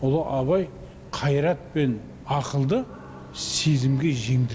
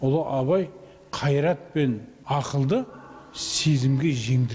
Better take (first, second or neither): second